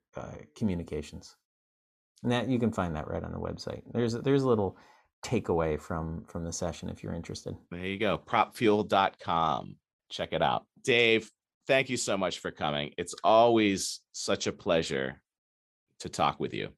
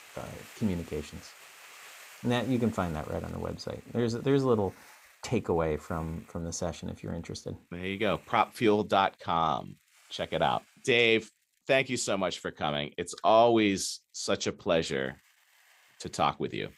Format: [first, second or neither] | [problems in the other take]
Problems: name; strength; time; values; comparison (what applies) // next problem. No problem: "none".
first | hiss; faint; throughout; 25 dB below the speech